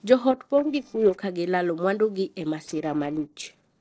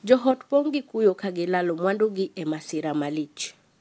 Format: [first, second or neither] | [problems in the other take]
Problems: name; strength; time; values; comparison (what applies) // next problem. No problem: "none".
second | noise reduction (neural separator model SepFormer DNS4)